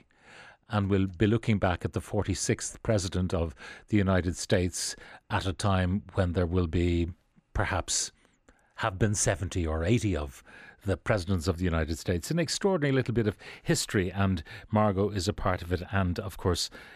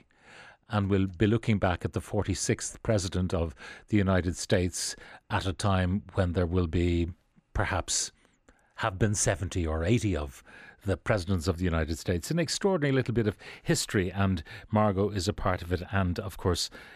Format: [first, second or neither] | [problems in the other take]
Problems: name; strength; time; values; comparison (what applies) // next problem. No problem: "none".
neither | none